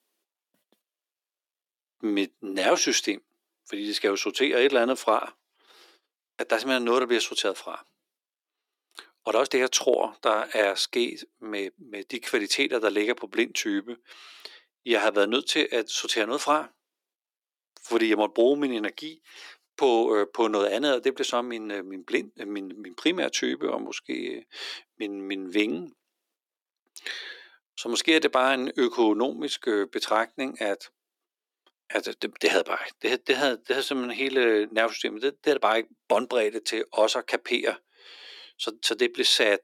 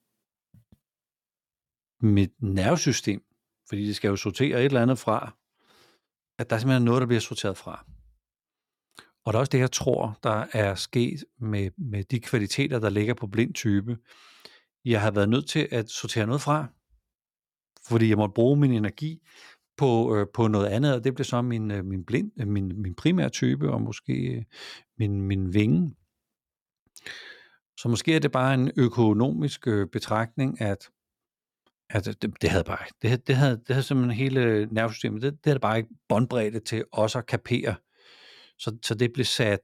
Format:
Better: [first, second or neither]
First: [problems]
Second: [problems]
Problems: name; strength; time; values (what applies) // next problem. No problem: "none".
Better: second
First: thin; somewhat; fading below 300 Hz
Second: none